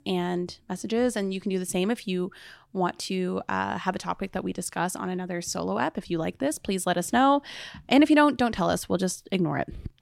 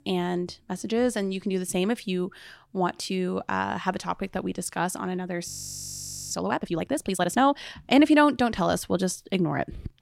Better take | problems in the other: first | audio freezing; at 5.5 s for 1 s

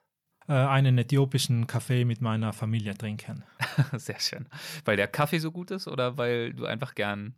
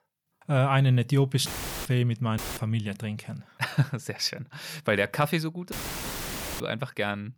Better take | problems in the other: first | audio cutting out; filled with static; at 1.5 s, at 2.5 s and at 5.5 s for 1 s

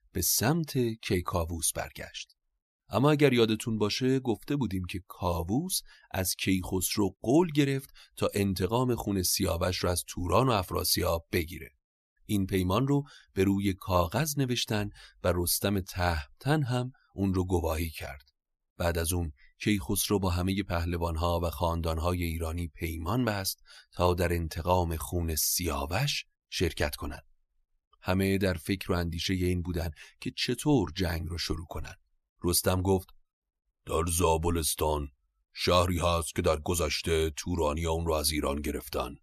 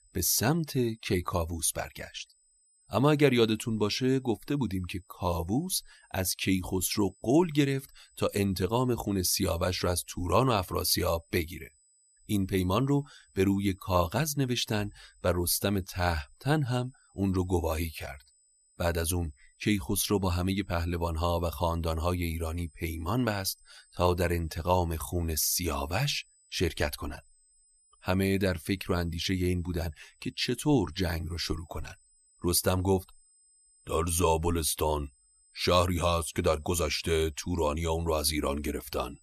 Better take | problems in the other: first | high-pitched whine; faint; throughout; 8 kHz, 35 dB below the speech

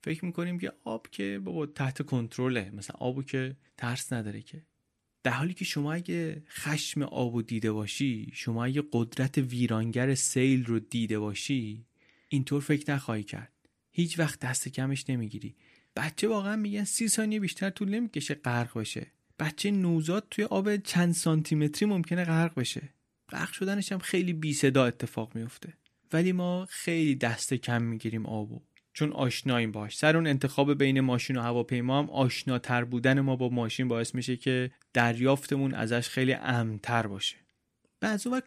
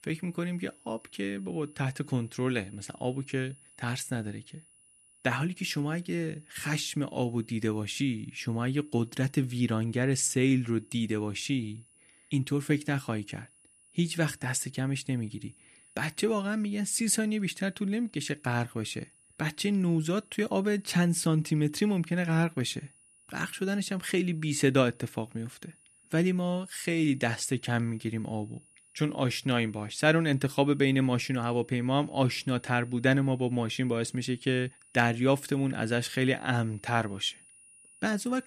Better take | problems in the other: first | high-pitched whine; faint; throughout; 9.5 kHz, 30 dB below the speech

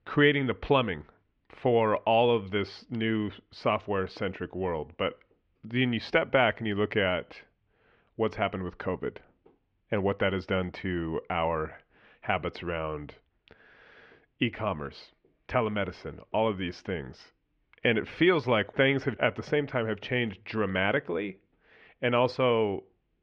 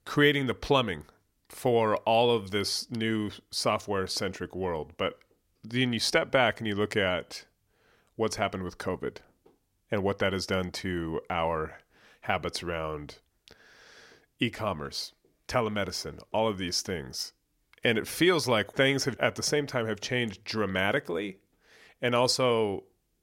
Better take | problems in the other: second | muffled; very; fading above 3 kHz

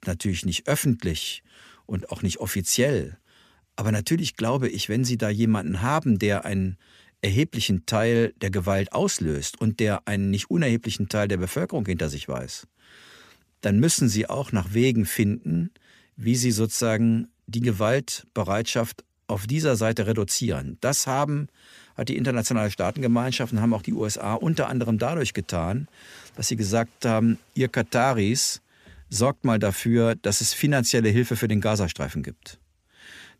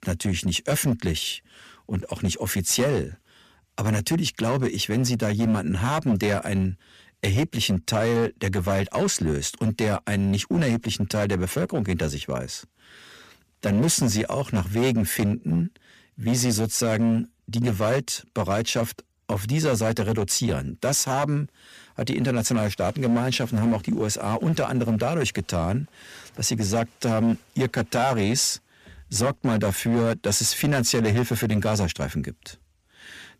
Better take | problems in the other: first | distortion; slight; 8% of the sound clipped

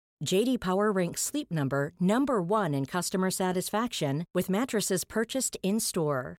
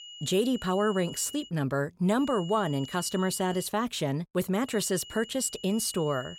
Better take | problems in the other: first | high-pitched whine; noticeable; until 1.5 s, from 2 to 3.5 s and from 4.5 s on; 3 kHz, 15 dB below the speech

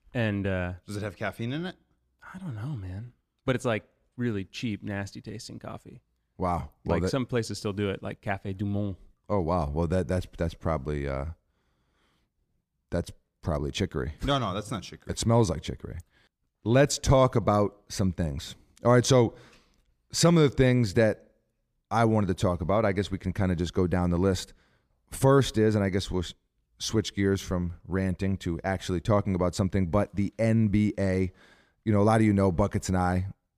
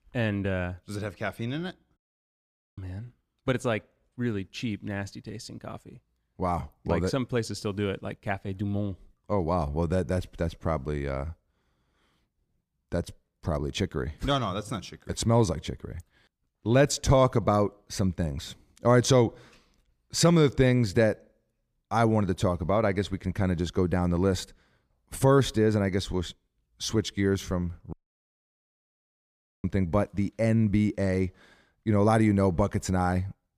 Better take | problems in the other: first | audio cutting out; at 2 s for 1 s and at 28 s for 1.5 s

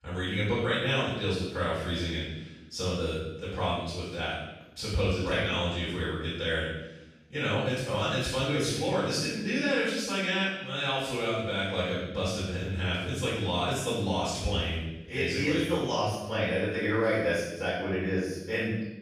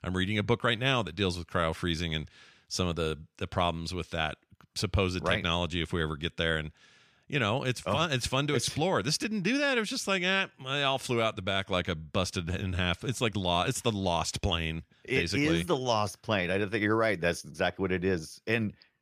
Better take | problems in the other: second | room echo; strong; dies away in 0.8 s // off-mic speech; far

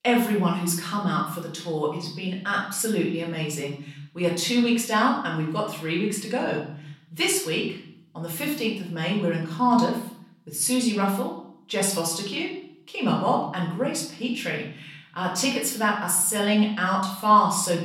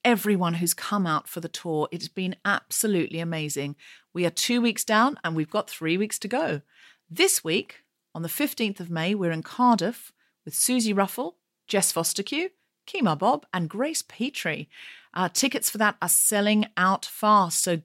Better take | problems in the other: second | room echo; noticeable; dies away in 0.7 s // off-mic speech; far

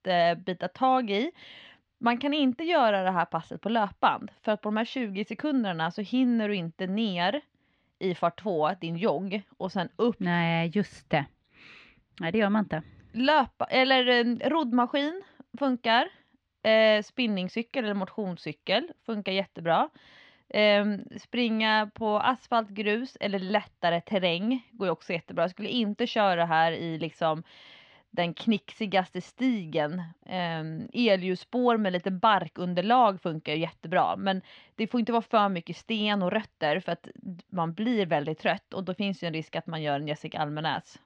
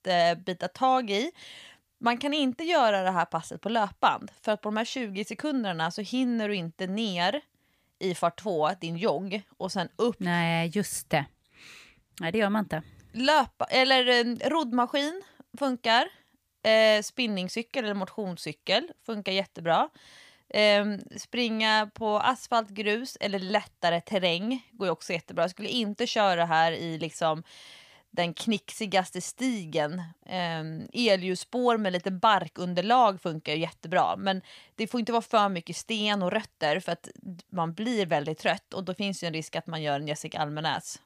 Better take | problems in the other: second | muffled; very slightly; fading above 3.5 kHz

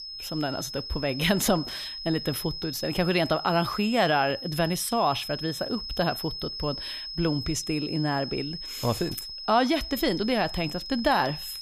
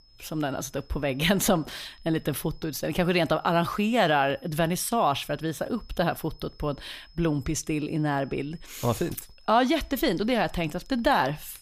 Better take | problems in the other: second | high-pitched whine; loud; throughout; 5 kHz, 7 dB below the speech; faint in the second

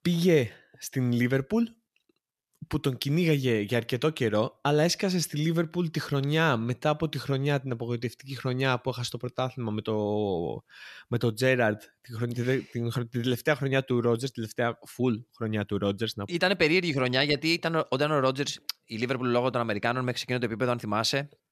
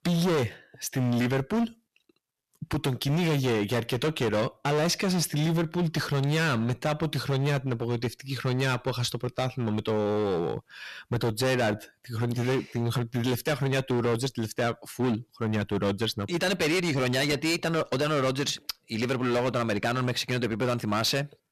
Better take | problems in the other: first | distortion; heavy; 19% of the sound clipped

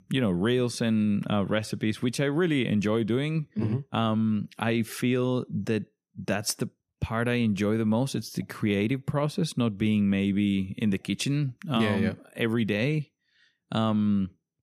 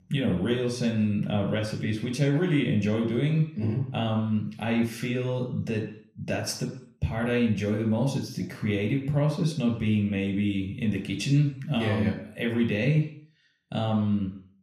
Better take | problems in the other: first | room echo; slight; dies away in 0.5 s // off-mic speech; somewhat distant

